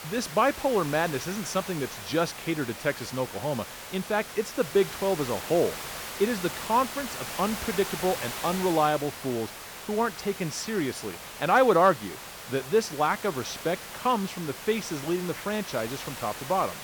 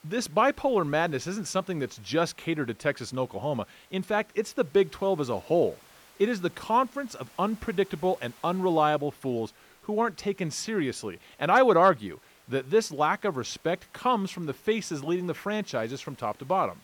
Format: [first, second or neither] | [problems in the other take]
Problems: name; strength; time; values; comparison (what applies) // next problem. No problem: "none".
second | hiss; loud; throughout; 9 dB below the speech; faint in the second